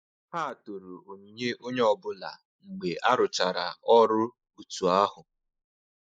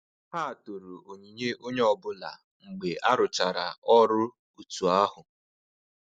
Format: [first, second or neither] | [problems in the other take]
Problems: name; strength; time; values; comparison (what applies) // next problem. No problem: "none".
second | noise reduction (neural mask model Resemble Enhance denoiser)